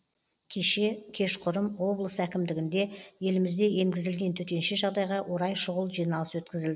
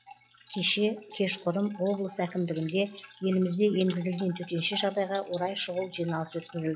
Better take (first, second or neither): first